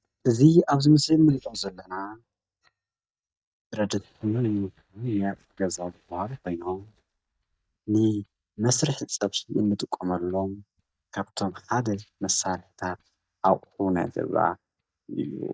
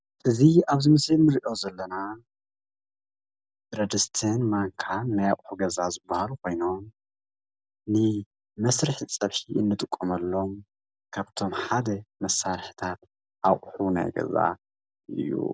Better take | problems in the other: second | noise reduction (neural mask model DeepFilterNet 3)

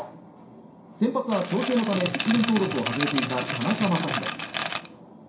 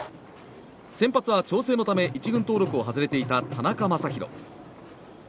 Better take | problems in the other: second | background sound (Rattle); 5 dB below the speech // room echo; dies away in 0.5 s

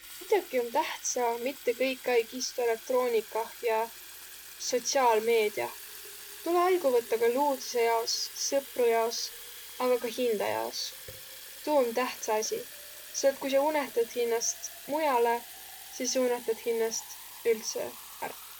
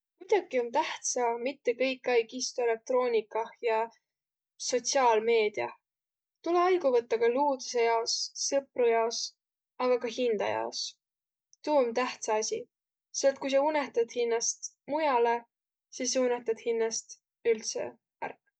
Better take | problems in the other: second | background sound (Fill (with liquid) / Water tap, faucet); 15 dB below the speech

